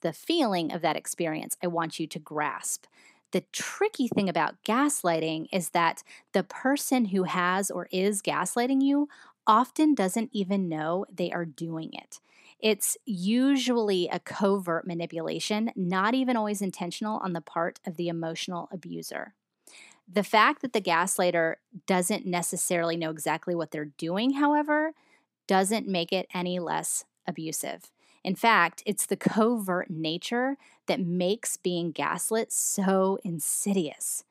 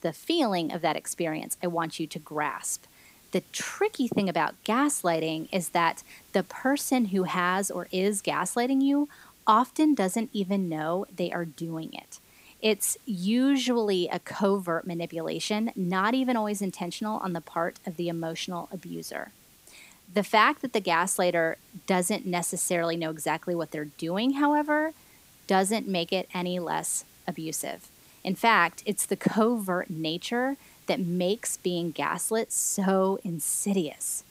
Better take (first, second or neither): first